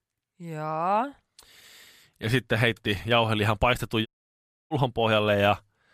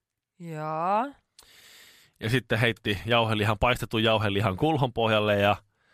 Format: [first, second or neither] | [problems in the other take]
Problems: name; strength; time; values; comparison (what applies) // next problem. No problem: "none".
second | audio cutting out; at 4 s for 0.5 s